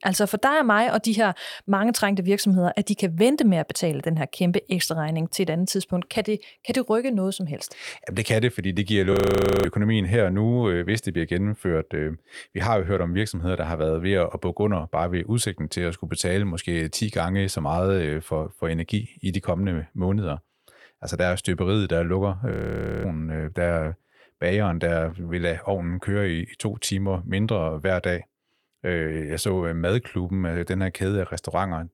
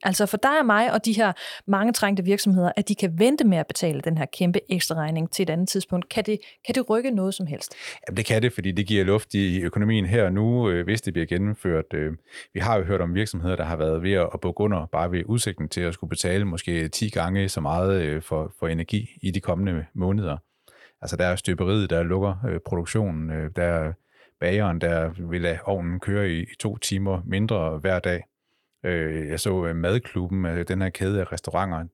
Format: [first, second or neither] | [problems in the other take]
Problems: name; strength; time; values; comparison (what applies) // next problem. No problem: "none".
second | audio freezing; at 9 s for 0.5 s and at 23 s for 0.5 s